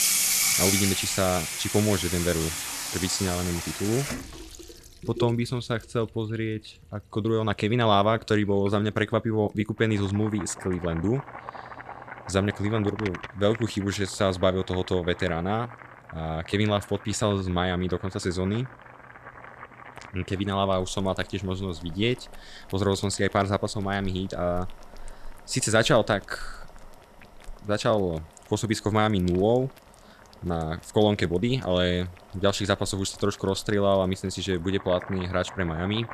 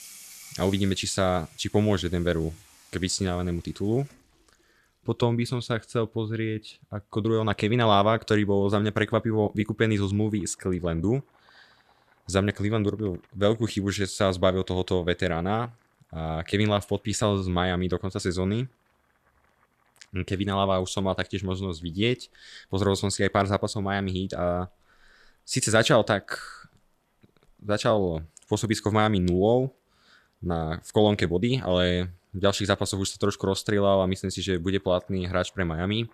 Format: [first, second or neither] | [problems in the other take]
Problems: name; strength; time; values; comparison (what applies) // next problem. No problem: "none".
second | household noises; loud; throughout; 4 dB below the speech; faint in the second